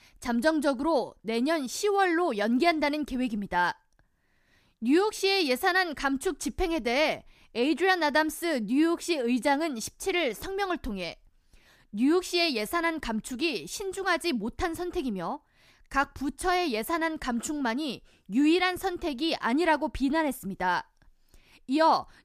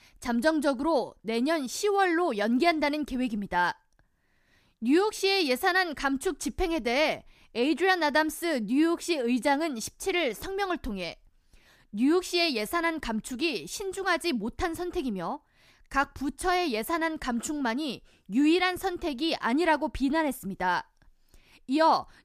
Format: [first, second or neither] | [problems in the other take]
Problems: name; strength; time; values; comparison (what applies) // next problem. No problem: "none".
neither | none